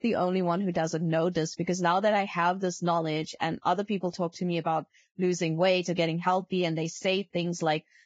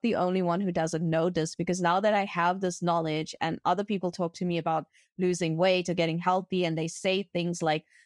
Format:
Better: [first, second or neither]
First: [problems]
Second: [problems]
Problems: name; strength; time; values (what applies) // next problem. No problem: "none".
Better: second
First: garbled, watery; badly; nothing above 7.5 kHz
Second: garbled, watery; slightly; nothing above 10 kHz